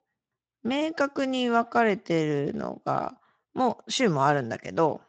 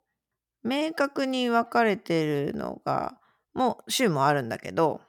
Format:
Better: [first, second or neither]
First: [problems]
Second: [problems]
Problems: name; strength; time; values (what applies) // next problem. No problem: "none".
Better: second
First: garbled, watery; slightly; nothing above 7.5 kHz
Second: none